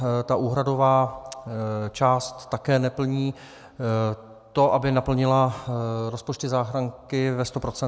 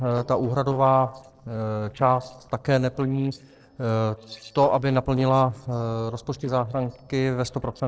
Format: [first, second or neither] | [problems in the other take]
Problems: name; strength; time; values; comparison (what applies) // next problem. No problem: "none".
first | noise reduction (neural separator model SepFormer DNS4)